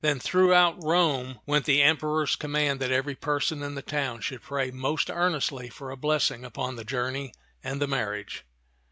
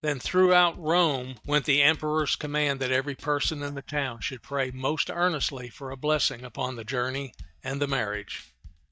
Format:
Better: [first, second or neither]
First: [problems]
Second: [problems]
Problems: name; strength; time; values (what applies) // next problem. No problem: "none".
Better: first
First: none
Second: noise reduction (neural mask model DeepFilterNet 3)